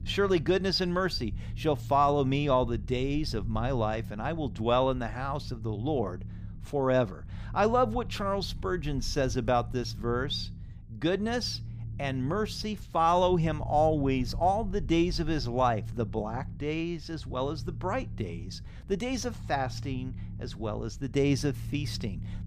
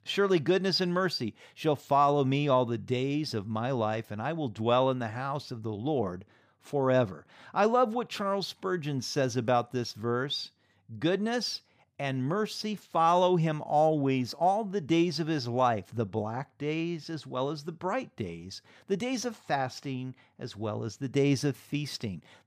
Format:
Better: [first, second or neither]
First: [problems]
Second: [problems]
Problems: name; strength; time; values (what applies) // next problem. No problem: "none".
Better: second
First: low rumble; faint; throughout; 25 dB below the speech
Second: none